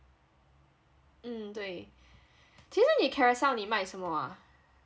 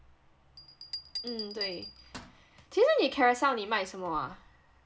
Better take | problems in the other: first | background sound (Bell); 14 dB below the speech

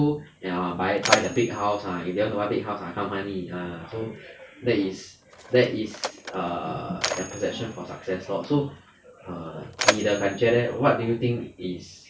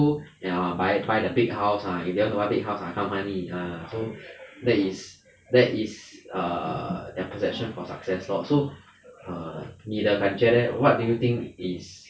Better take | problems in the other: second | background sound (Mechanisms); 7 dB below the speech

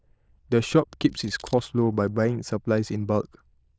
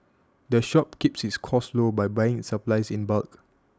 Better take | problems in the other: second | noise reduction (neural diffusion model UNIVERSE++)

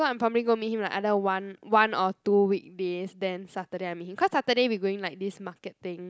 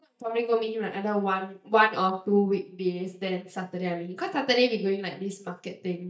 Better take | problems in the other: first | noise reduction (neural mask model DeepFilterNet 3)

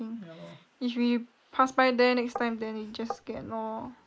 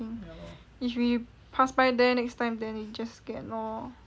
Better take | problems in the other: second | noise reduction (neural mask model Resemble Enhance denoiser)

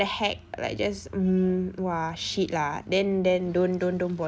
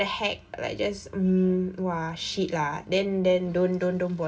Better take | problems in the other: first | room echo; dies away in 0.2 s

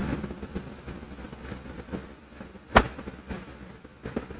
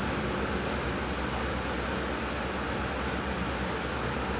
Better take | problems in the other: second | noise reduction (neural mask model RNNoise)

